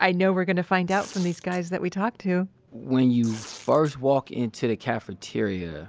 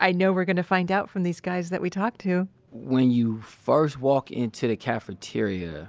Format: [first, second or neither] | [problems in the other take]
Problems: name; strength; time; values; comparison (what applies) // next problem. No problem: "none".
second | background sound (Tearing); 19 dB below the speech